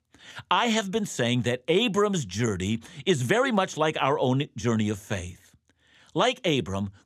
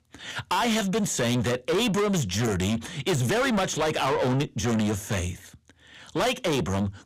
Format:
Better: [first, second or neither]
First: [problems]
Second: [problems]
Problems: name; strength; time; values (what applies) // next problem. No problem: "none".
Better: first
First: none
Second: distortion; heavy; 6 dB below the speech